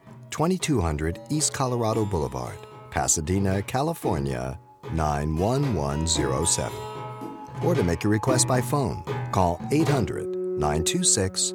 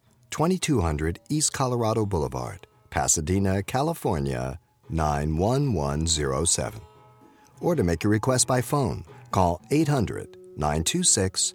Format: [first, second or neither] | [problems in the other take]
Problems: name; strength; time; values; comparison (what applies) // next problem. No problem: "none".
second | background music; loud; throughout; 9 dB below the speech; faint in the second